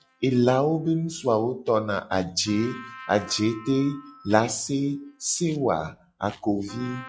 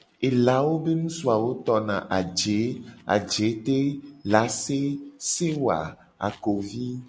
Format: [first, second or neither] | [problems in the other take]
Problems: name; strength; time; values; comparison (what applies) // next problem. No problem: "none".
second | noise reduction (classical method log-MMSE)